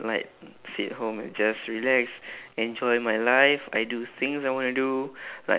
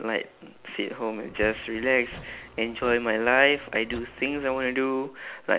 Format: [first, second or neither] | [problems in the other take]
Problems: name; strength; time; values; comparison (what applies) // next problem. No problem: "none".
first | background sound (Domestic sounds, home sounds); 18 dB below the speech